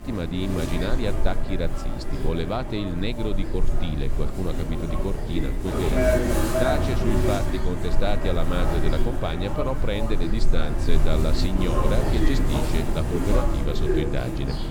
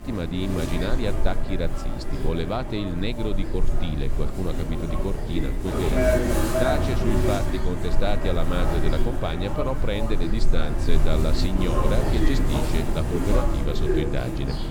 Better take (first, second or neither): neither